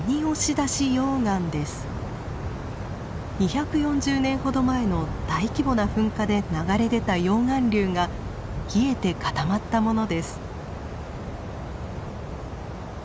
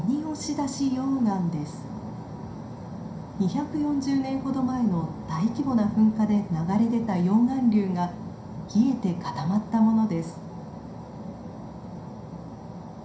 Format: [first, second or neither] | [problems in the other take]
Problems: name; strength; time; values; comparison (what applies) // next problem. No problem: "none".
first | room echo; dies away in 0.5 s